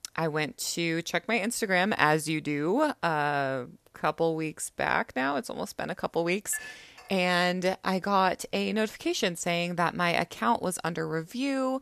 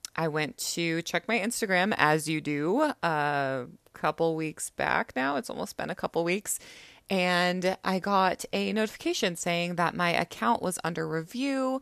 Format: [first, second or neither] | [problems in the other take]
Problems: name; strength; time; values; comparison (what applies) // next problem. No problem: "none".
second | clattering dishes; faint; at 6.5 s; peak 10 dB below the speech